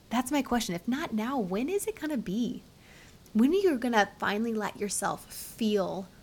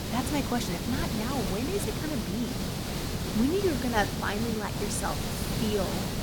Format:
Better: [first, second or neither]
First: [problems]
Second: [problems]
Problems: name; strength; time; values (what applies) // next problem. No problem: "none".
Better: first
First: hiss; faint; throughout; 25 dB below the speech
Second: hiss; loud; throughout; 1 dB below the speech